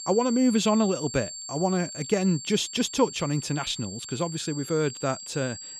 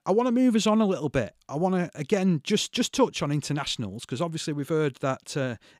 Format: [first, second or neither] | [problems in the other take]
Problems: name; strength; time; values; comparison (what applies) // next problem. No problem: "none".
second | high-pitched whine; loud; throughout; 7.5 kHz, 10 dB below the speech